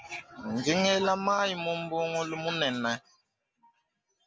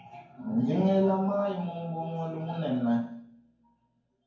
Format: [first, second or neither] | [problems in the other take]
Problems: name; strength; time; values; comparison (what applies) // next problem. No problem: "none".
first | room echo; dies away in 0.9 s